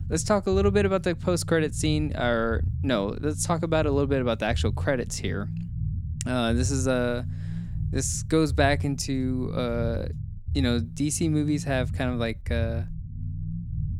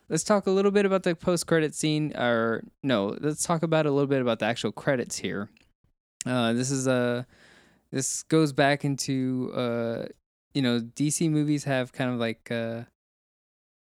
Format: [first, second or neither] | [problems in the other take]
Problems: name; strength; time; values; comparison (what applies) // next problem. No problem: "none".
second | low rumble; noticeable; throughout; 20 dB below the speech